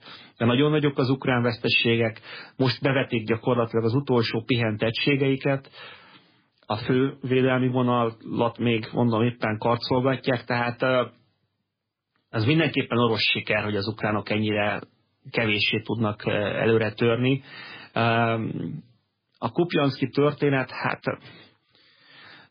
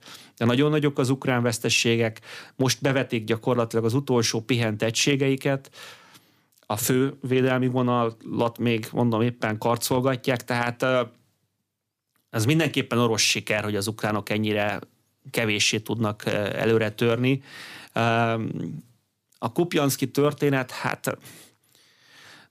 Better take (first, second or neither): second